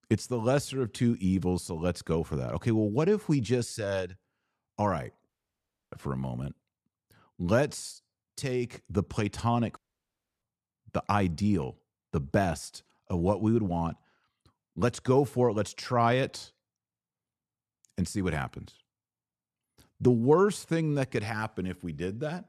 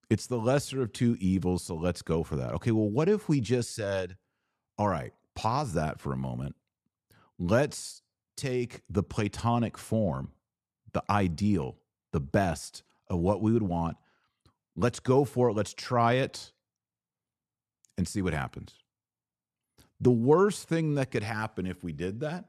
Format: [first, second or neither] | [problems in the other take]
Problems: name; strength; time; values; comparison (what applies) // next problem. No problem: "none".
second | audio cutting out; at 5.5 s for 0.5 s and at 10 s for 0.5 s